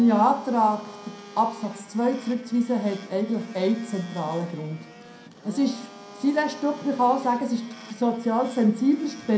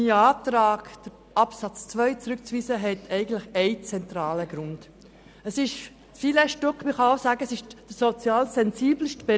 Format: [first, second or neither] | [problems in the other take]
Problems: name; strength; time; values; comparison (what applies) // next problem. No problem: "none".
second | background sound (Domestic sounds, home sounds); 20 dB below the speech // room echo; dies away in 0.4 s